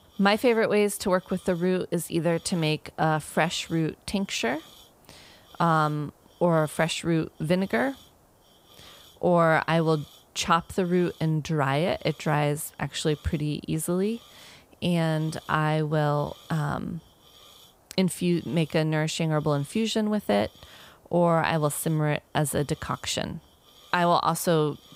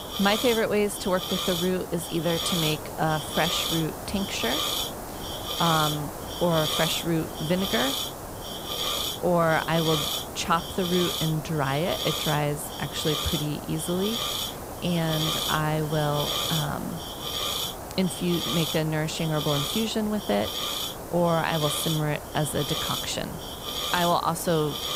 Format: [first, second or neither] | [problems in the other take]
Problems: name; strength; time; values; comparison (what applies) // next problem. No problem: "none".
first | hiss; loud; throughout; 2 dB below the speech; faint in the first